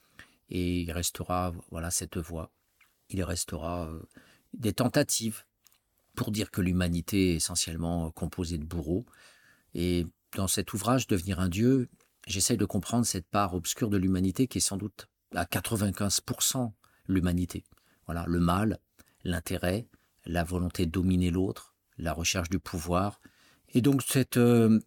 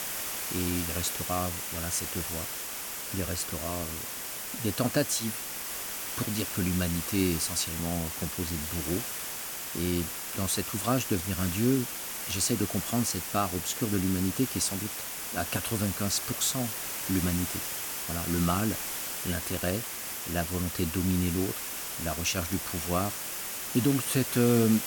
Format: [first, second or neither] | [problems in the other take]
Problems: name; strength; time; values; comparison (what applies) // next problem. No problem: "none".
first | hiss; loud; throughout; 2 dB below the speech